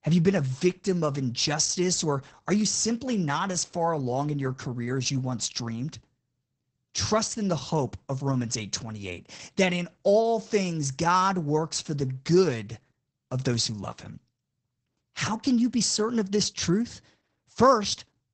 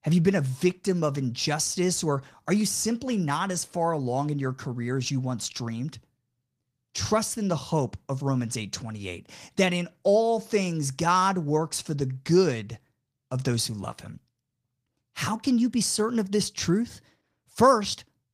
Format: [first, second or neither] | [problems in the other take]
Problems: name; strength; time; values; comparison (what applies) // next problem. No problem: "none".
second | garbled, watery; badly; nothing above 8 kHz; slightly in the second